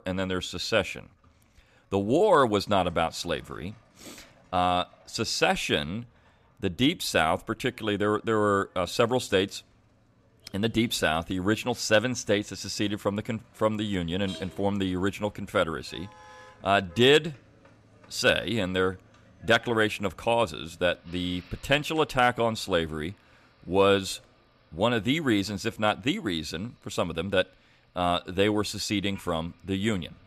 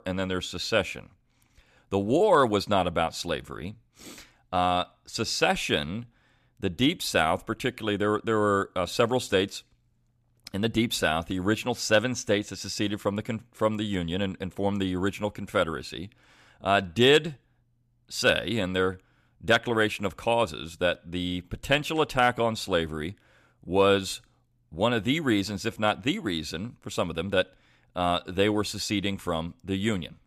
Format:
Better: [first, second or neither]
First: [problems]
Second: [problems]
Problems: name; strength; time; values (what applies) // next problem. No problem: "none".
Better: second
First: traffic noise; faint; throughout; 30 dB below the speech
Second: none